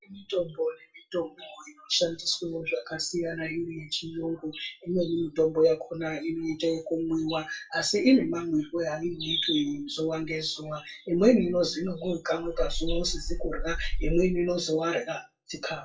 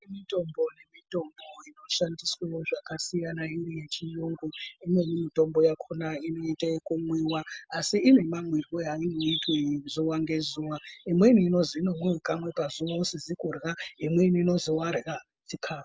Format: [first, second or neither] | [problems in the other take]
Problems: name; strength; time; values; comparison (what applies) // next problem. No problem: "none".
second | noise reduction (classical method WPE with log-MMSE)